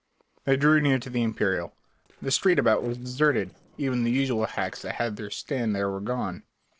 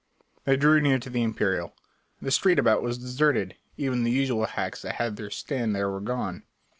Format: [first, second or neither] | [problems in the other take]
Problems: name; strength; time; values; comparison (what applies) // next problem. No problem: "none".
second | noise reduction (neural separator model SepFormer DNS4)